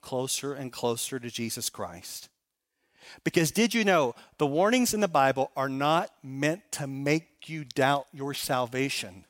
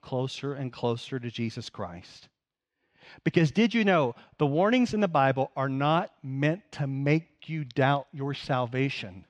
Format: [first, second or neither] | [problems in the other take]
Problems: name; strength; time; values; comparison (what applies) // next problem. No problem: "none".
first | muffled; slightly; fading above 4 kHz